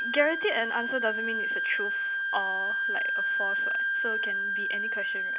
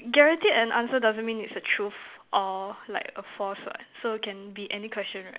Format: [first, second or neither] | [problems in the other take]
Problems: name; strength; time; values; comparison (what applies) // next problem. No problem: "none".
second | background sound (Wind instrument, woodwind instrument); 4 dB above the speech